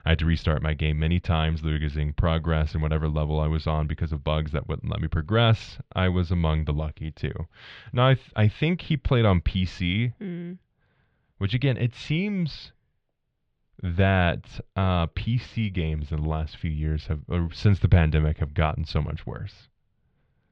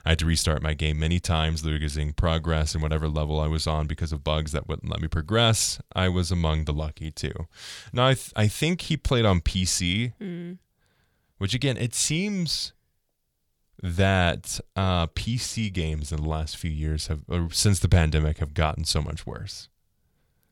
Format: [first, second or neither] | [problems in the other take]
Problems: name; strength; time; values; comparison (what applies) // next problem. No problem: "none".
second | muffled; very; fading above 3 kHz